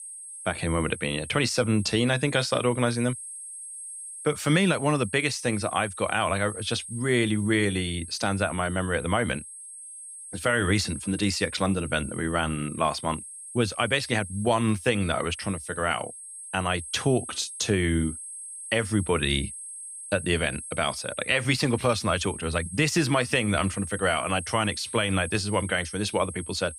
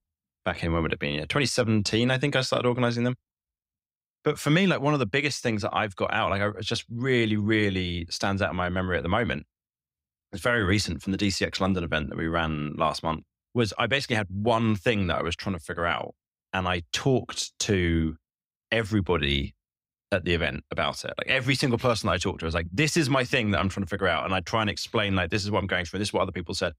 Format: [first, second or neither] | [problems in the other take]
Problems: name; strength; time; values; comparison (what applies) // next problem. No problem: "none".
second | high-pitched whine; noticeable; throughout; 8.5 kHz, 10 dB below the speech